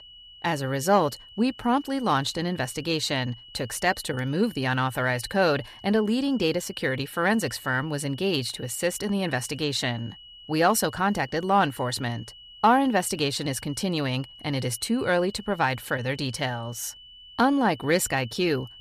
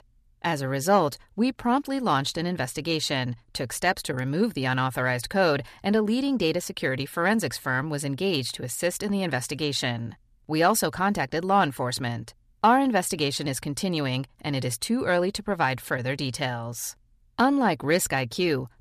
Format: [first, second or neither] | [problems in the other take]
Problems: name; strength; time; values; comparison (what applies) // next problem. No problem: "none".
second | high-pitched whine; noticeable; throughout; 3 kHz, 20 dB below the speech